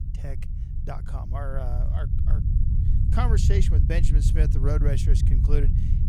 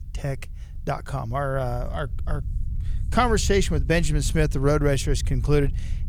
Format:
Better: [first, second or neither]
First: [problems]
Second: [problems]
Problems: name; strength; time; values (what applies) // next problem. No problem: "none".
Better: second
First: low rumble; loud; throughout; 4 dB below the speech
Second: low rumble; faint; throughout; 20 dB below the speech